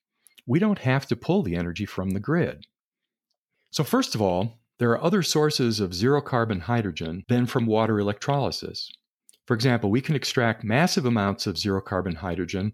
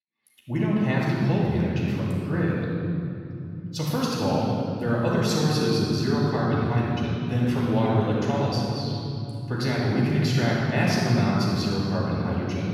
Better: first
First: none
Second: off-mic speech; far // room echo; strong; dies away in 3 s

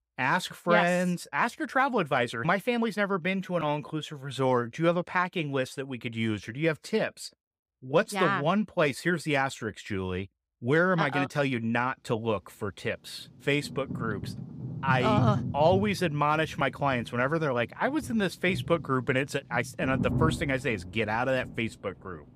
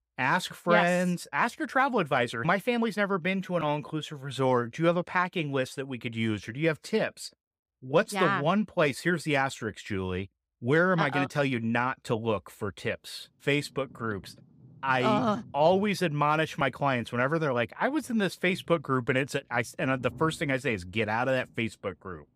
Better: second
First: rain or running water; loud; from 12 s on; 8 dB below the speech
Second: rain or running water; faint; from 12 s on; 25 dB below the speech

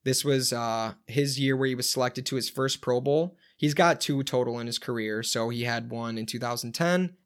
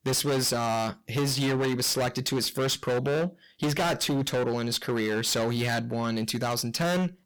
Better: first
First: none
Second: distortion; heavy; 26% of the sound clipped

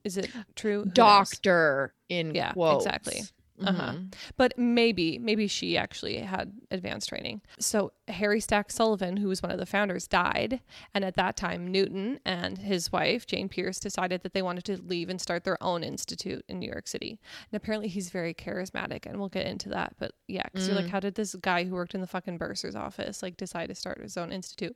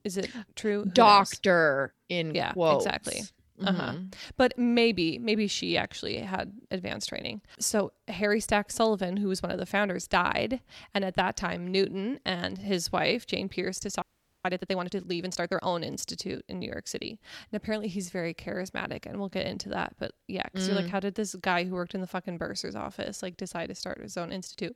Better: first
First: none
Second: audio freezing; at 14 s

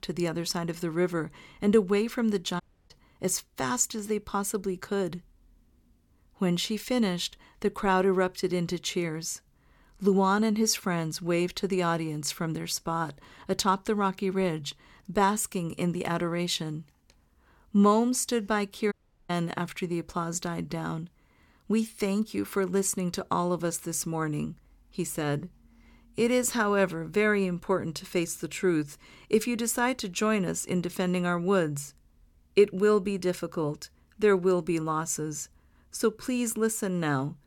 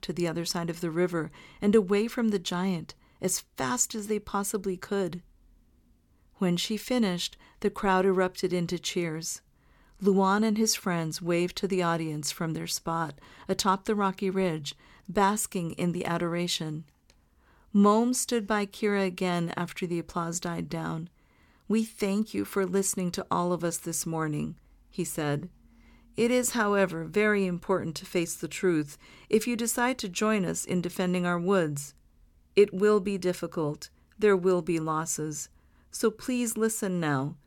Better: second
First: audio cutting out; at 2.5 s and at 19 s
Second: none

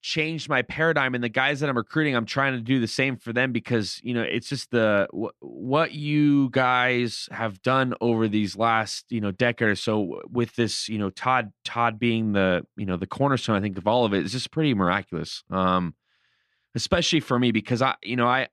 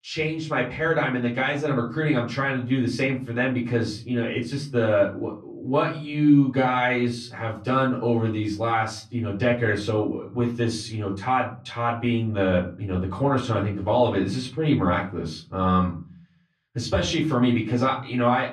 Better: first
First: none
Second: off-mic speech; far // room echo; slight; dies away in 0.4 s

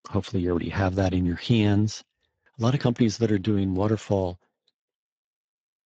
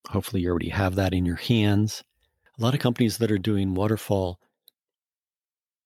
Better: second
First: garbled, watery; badly; nothing above 16 kHz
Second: none

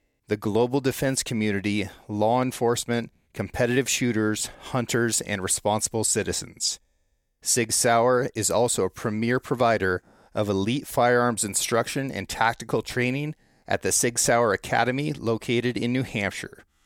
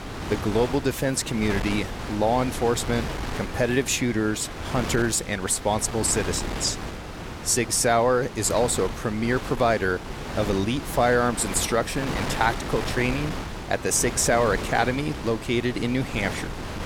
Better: first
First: none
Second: wind noise on the microphone; heavy; 9 dB below the speech

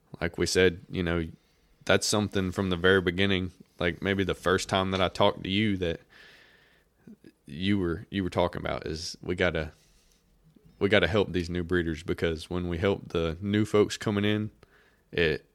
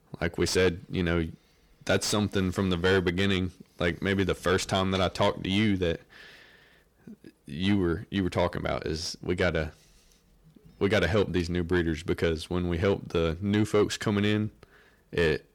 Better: first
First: none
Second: distortion; slight; 10 dB below the speech

